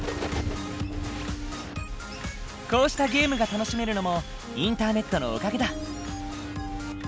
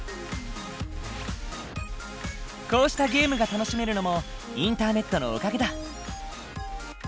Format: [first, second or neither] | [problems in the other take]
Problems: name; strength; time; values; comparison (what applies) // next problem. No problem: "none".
second | background sound (Bowed string instrument + Bird); 9 dB below the speech